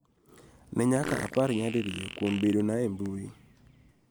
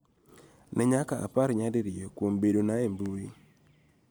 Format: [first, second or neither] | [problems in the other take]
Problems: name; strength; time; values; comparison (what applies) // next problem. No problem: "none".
second | background sound (Fart); 12 dB below the speech